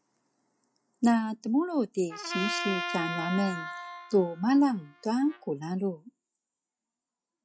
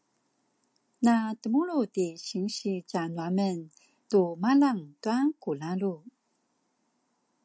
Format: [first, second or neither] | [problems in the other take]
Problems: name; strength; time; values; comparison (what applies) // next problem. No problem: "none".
second | noise reduction (classical method log-MMSE)